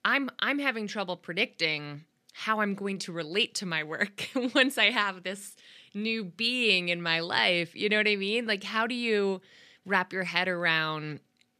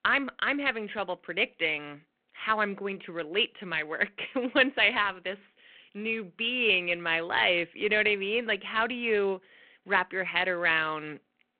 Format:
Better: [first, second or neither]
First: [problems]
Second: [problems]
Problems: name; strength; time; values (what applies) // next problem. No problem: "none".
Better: first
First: none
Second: phone-call audio